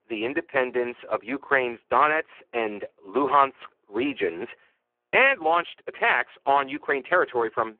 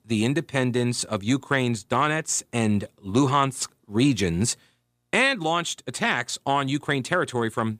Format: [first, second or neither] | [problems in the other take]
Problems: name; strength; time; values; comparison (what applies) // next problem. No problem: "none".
second | phone-call audio; poor line